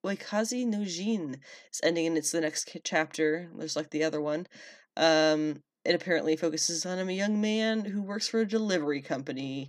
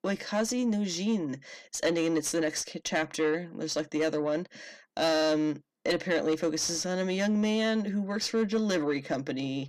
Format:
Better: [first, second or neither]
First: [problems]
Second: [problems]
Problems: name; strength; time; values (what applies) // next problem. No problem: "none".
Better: first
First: none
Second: distortion; slight; 10 dB below the speech